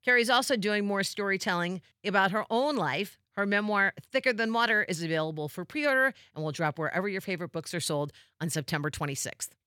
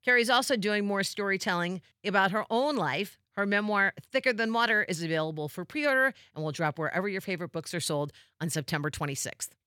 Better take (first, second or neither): neither